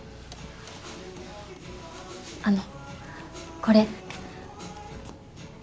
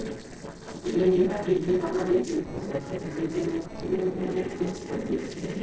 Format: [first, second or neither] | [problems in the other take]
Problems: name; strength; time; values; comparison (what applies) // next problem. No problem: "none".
first | noise reduction (neural separator model SepFormer DNS4)